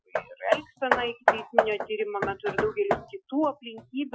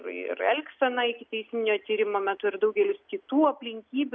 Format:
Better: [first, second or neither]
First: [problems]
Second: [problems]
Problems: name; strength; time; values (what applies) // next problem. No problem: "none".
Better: second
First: noise reduction (classical method Wiener filter)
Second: none